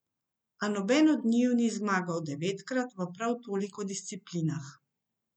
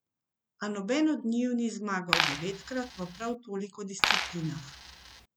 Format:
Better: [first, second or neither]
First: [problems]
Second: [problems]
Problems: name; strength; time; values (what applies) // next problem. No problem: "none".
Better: first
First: none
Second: background sound (Coin (dropping)); 1 dB above the speech